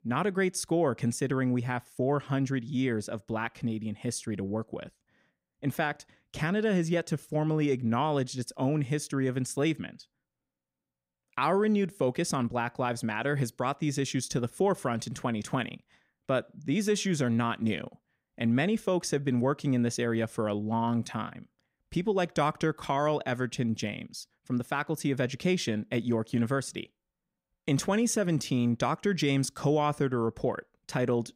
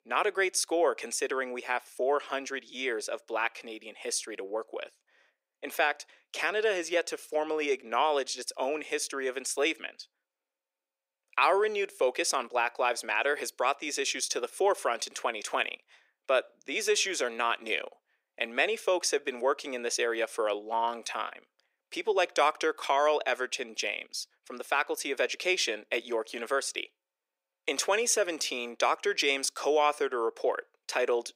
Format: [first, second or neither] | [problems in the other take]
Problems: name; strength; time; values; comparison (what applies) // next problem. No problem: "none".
first | thin; very; fading below 400 Hz